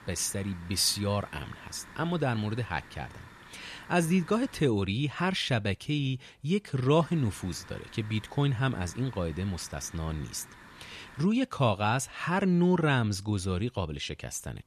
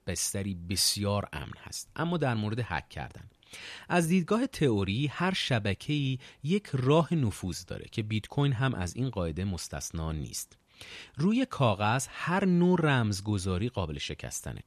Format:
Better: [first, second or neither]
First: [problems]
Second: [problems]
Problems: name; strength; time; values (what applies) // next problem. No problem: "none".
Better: second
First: hiss; faint; until 4.5 s and from 7 to 11 s; 20 dB below the speech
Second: none